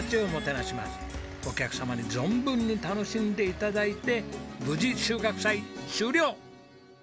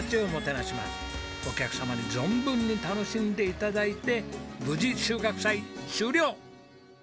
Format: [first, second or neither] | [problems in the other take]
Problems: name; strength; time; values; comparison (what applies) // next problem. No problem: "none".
first | background sound (Trumpet); 12 dB below the speech